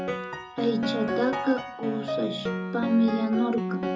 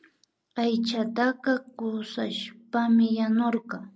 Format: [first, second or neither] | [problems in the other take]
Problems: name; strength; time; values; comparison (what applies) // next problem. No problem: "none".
second | background sound (Piano); 4 dB below the speech // room echo; dies away in 0.2 s